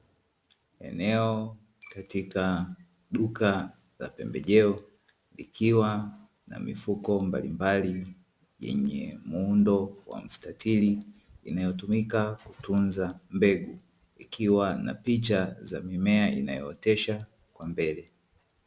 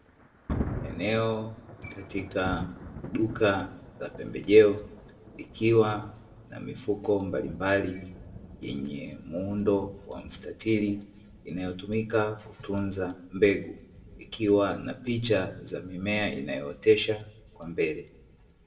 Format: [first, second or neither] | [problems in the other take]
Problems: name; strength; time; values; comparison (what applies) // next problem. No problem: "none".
first | background sound (Thunder); 15 dB below the speech // room echo; dies away in 0.6 s